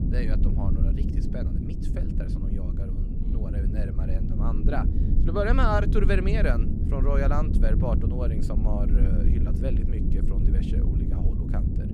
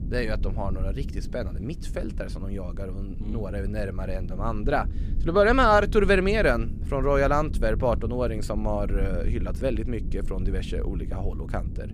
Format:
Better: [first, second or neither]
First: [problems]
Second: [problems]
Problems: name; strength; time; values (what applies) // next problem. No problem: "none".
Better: second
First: low rumble; loud; throughout; 6 dB below the speech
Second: low rumble; faint; throughout; 20 dB below the speech